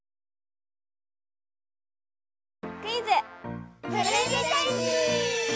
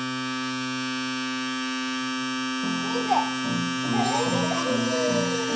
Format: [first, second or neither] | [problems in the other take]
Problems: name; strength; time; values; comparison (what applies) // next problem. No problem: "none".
first | background sound (Domestic sounds, home sounds); 1 dB above the speech // room echo; dies away in 0.6 s